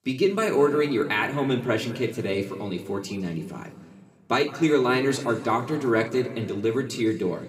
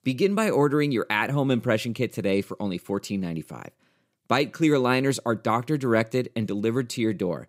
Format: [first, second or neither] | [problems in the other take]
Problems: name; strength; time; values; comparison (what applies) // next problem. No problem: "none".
second | room echo; slight; dies away in 1.9 s // off-mic speech; somewhat distant